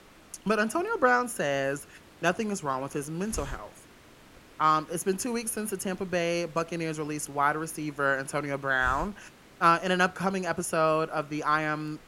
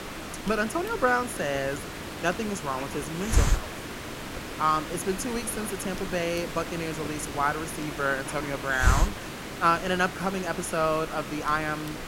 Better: first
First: hiss; faint; throughout; 20 dB below the speech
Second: hiss; loud; throughout; 5 dB below the speech

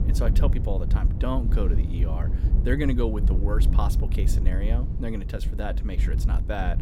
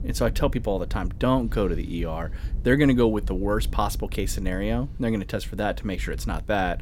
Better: second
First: low rumble; loud; throughout; 7 dB below the speech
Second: low rumble; faint; throughout; 25 dB below the speech

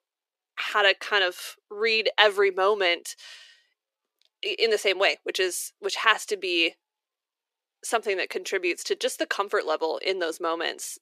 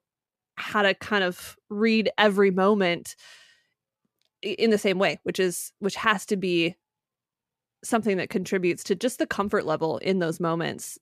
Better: second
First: thin; very; fading below 350 Hz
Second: none

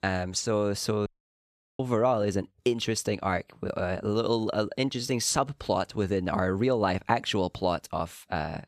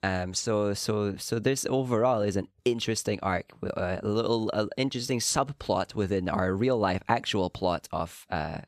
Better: second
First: audio cutting out; at 1 s for 0.5 s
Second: none

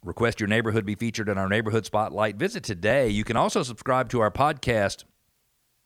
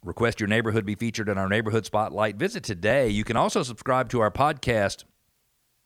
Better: neither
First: none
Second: none

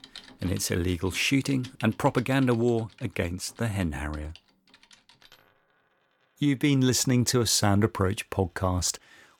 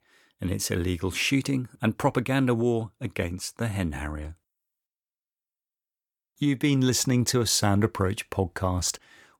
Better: second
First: household noises; faint; throughout; 25 dB below the speech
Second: none

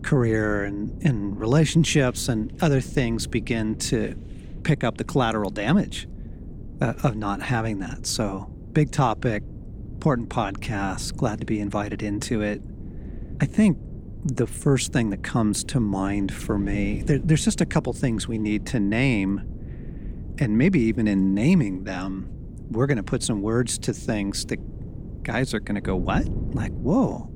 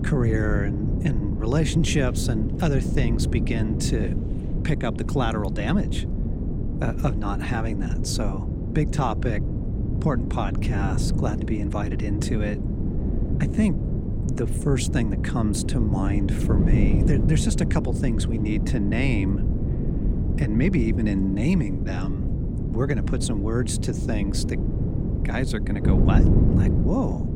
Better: first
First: wind noise on the microphone; occasional gusts; 20 dB below the speech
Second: wind noise on the microphone; heavy; 4 dB below the speech

